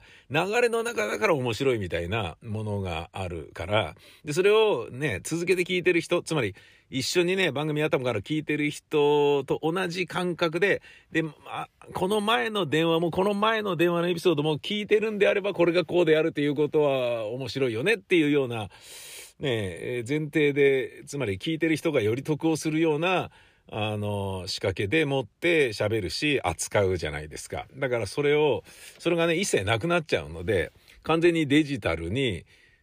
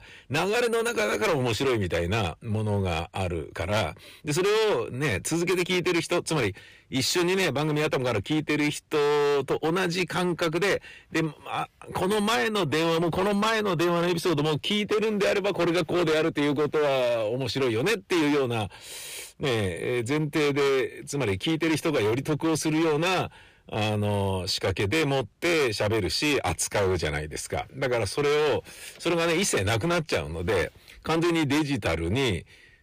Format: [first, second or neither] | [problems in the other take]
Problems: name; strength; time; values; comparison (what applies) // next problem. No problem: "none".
first | distortion; heavy; 21% of the sound clipped